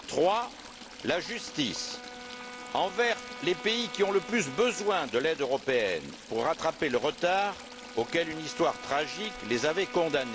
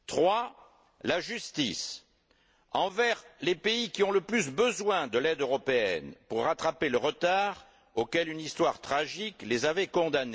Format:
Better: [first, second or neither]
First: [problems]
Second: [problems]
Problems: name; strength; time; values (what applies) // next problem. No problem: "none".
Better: second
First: background sound (Stream / Trickle, dribble + Brass instrument); 13 dB below the speech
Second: none